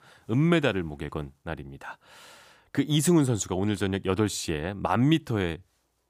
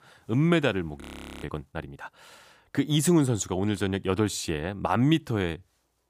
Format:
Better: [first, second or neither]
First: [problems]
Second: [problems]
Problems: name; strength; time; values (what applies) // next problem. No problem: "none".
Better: first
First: none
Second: audio freezing; at 1 s